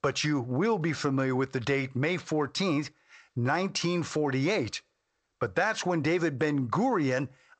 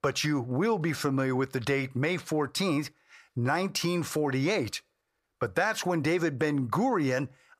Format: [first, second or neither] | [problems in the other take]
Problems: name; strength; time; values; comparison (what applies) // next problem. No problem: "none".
second | garbled, watery; slightly; nothing above 8 kHz